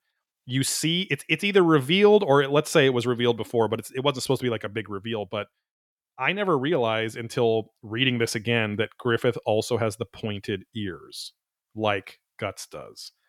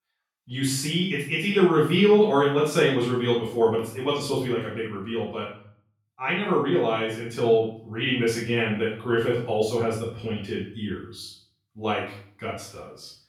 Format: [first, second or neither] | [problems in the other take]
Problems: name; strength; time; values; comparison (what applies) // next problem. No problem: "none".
first | off-mic speech; far // room echo; noticeable; dies away in 0.5 s